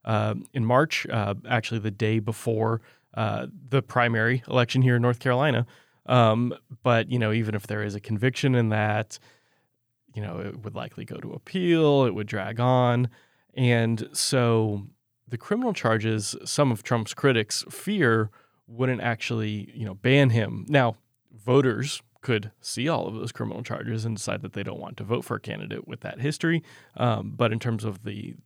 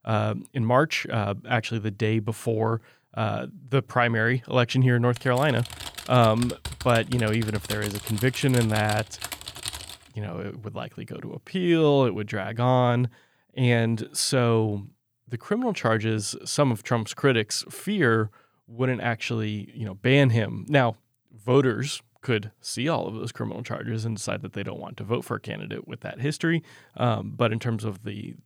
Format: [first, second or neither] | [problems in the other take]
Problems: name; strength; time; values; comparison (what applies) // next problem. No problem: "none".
first | keyboard typing; noticeable; from 5 to 10 s; peak 7 dB below the speech